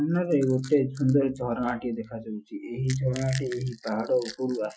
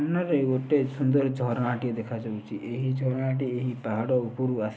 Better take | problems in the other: second | noise reduction (classical method Wiener filter)

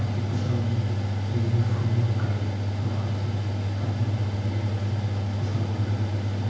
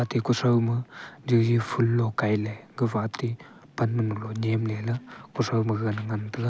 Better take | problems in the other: second | background sound (Mechanical fan); 3 dB above the speech // room echo; dies away in 1.2 s

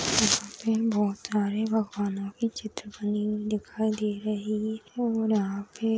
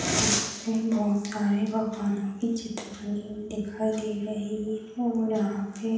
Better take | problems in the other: first | room echo; dies away in 0.9 s

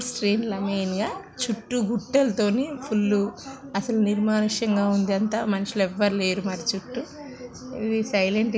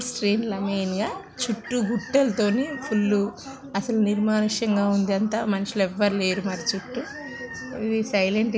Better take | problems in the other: first | background sound (Chicken, rooster); 19 dB below the speech

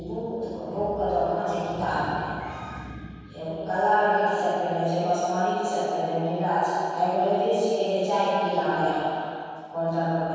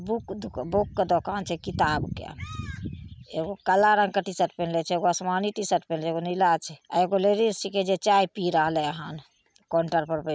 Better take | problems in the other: second | room echo; dies away in 2.2 s

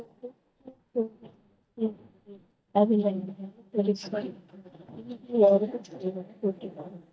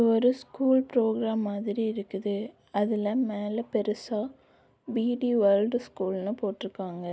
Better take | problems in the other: second | noise reduction (neural mask model DeepFilterNet 3)

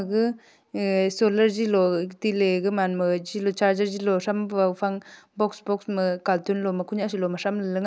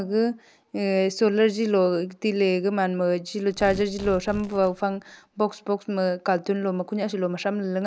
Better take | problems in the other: first | background sound (Tearing); 18 dB below the speech

